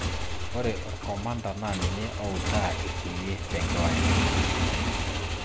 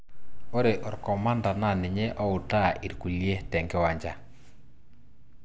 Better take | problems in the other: second | background sound (Motorcycle / Engine); 5 dB above the speech

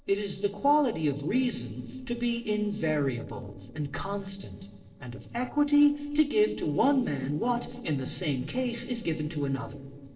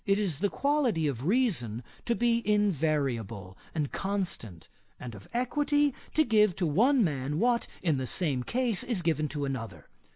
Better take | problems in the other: second | noise reduction (neural separator model SepFormer DNS4)

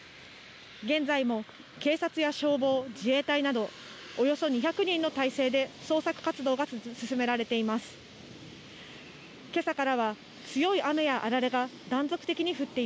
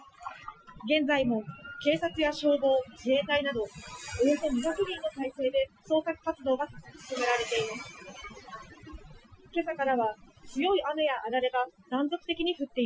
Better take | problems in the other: first | noise reduction (classical method Wiener filter)

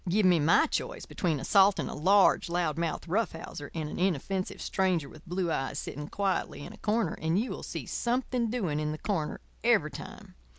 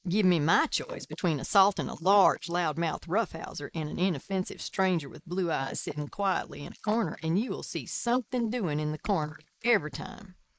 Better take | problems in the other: first | noise reduction (neural mask model Resemble Enhance denoiser)

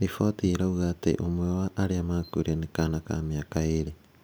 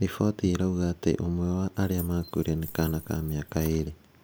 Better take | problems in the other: first | background sound (Keys jangling); 19 dB below the speech

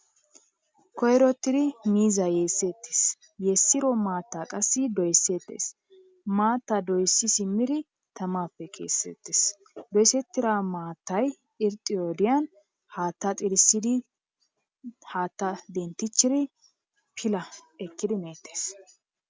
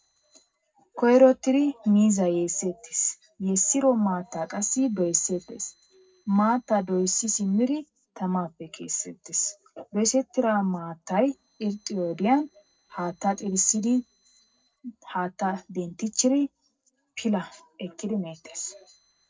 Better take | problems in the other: first | noise reduction (neural separator model SepFormer DNS4)

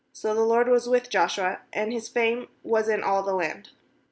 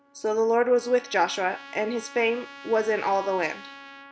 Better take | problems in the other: first | background sound (Trumpet); 19 dB below the speech

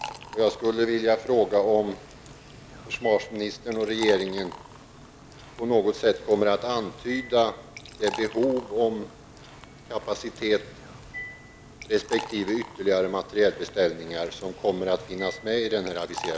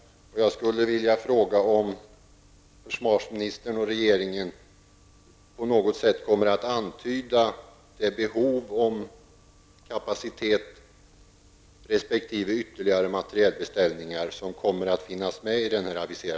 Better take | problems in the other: second | background sound (Liquid); 15 dB below the speech

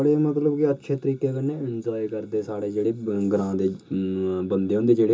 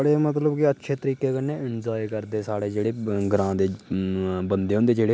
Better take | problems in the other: second | room echo; dies away in 0.2 s

